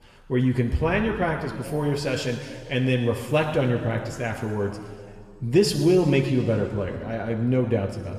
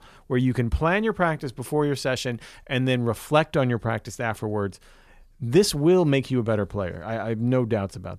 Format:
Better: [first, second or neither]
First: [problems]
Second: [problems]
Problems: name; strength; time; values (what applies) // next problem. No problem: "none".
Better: second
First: room echo; noticeable; dies away in 1.9 s // off-mic speech; somewhat distant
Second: none